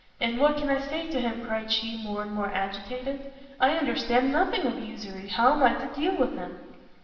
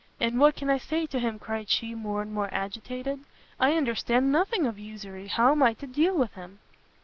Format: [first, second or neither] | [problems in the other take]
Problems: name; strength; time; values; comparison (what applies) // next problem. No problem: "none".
second | room echo; dies away in 1.4 s